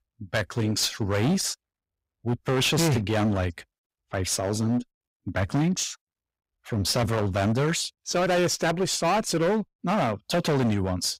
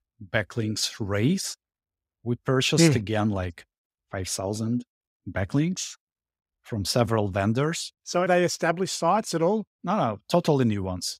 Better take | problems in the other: second | distortion; heavy; 15% of the sound clipped

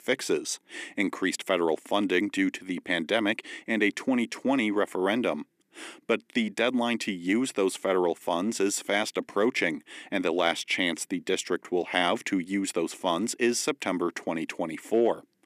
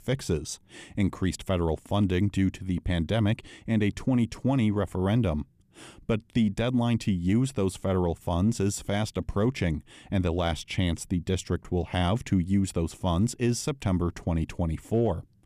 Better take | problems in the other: second | thin; somewhat; fading below 300 Hz

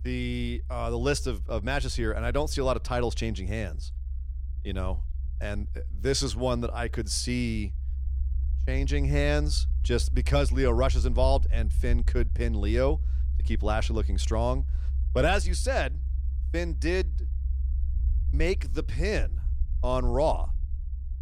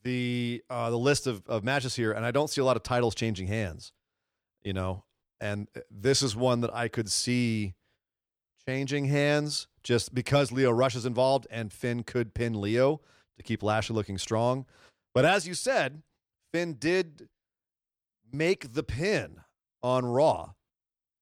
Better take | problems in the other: second | low rumble; faint; throughout; 20 dB below the speech

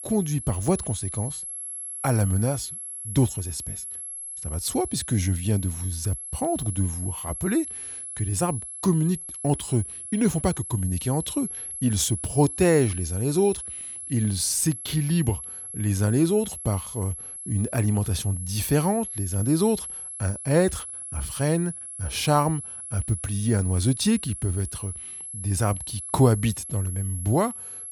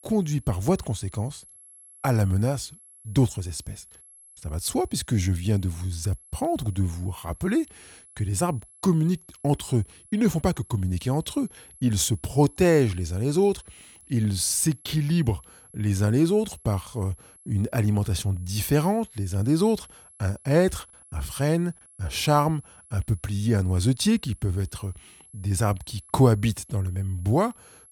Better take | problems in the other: second | high-pitched whine; loud; throughout; 11 kHz, 8 dB below the speech; faint in the second

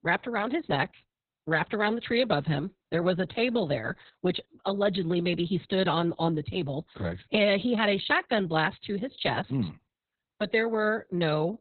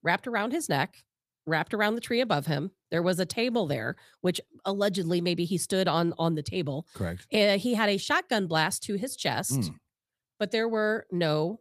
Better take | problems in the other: second | garbled, watery; badly; nothing above 4 kHz; slightly in the second

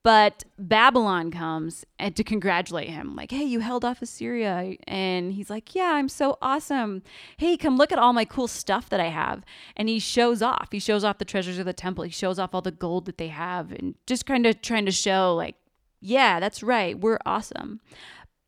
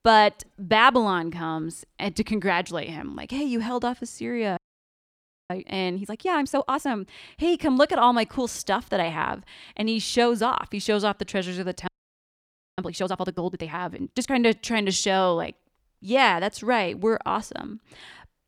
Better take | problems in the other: first | audio freezing; at 4.5 s for 1 s and at 12 s for 1 s

